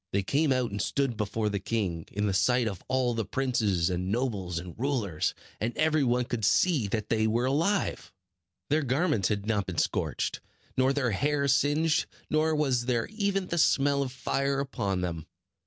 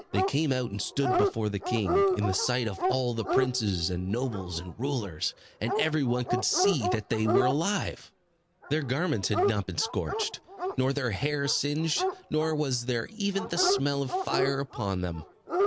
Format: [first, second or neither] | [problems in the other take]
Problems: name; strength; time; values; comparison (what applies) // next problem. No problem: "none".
first | background sound (Dog); 3 dB below the speech